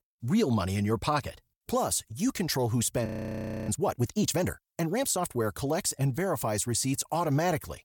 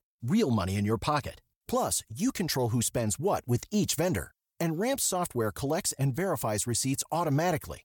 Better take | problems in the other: second | audio freezing; at 3 s for 0.5 s

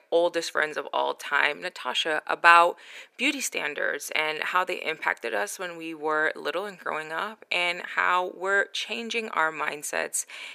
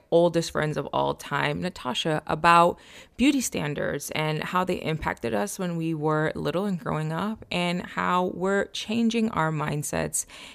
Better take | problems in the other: second | thin; very; fading below 400 Hz

